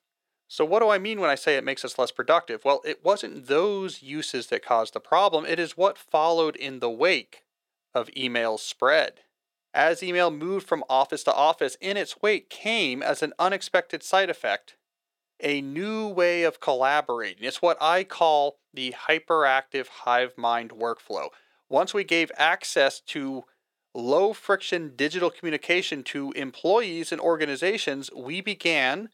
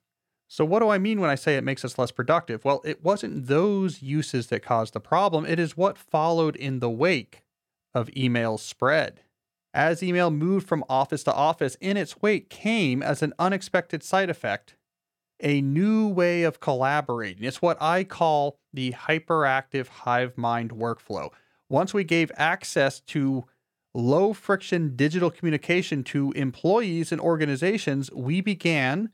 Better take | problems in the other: second | thin; somewhat; fading below 450 Hz

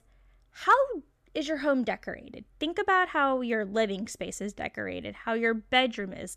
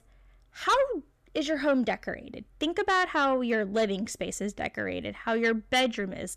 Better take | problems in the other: first | distortion; slight; 10 dB below the speech

